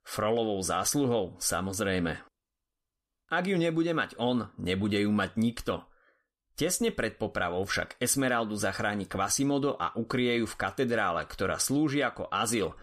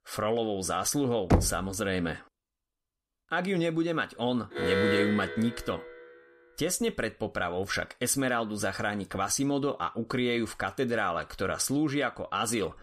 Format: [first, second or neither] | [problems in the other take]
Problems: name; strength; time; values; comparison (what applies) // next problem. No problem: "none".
first | door banging; loud; at 1.5 s; peak 3 dB above the speech // alarm; loud; from 4.5 to 6 s; peak 3 dB above the speech